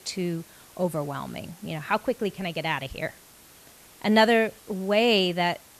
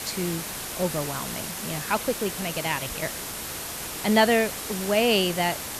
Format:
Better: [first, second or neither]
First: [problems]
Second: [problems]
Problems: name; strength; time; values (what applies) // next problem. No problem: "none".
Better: first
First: hiss; faint; throughout; 25 dB below the speech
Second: hiss; loud; throughout; 6 dB below the speech